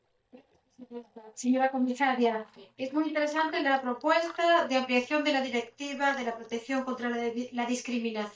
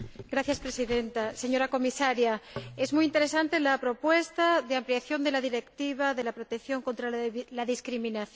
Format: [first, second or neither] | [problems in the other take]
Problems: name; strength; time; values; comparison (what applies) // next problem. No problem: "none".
second | noise reduction (neural mask model DeepFilterNet 3)